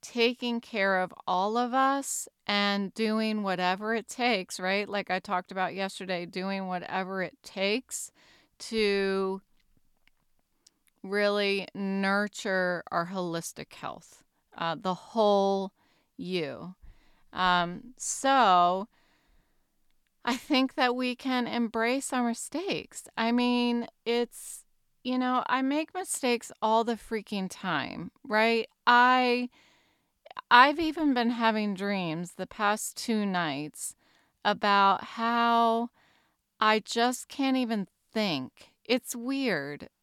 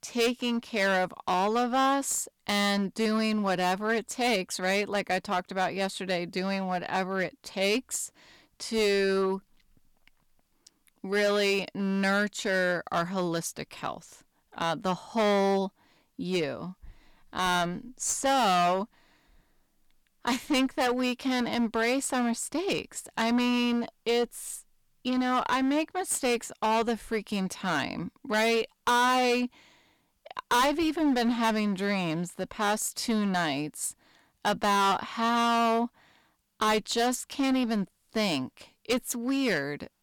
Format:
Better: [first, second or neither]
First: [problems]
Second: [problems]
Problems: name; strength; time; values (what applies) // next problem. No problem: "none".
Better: first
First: none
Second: distortion; heavy; 11% of the sound clipped